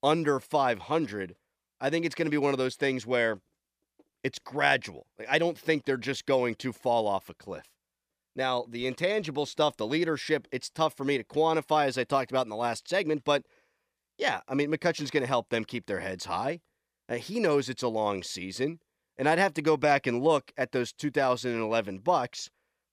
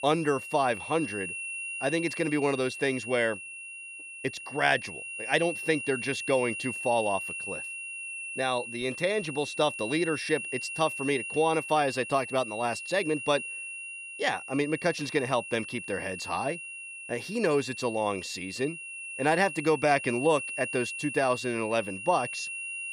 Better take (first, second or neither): first